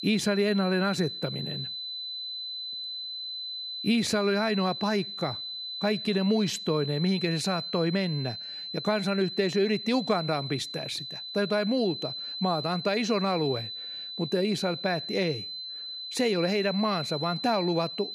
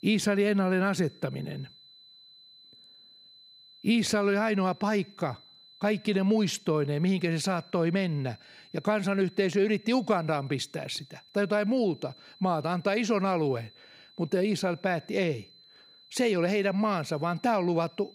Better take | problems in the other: second | high-pitched whine; loud; throughout; 4 kHz, 6 dB below the speech; faint in the second

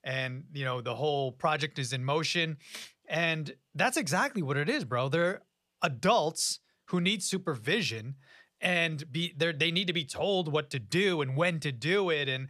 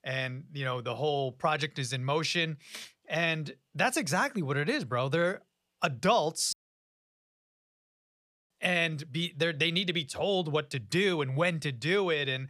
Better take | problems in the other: first | audio cutting out; at 6.5 s for 2 s

